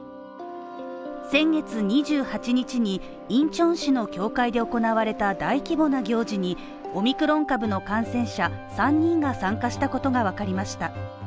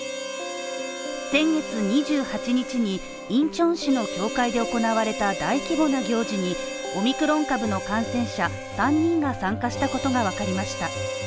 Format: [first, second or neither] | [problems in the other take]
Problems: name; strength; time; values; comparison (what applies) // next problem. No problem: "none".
first | background sound (Harmonica); 9 dB below the speech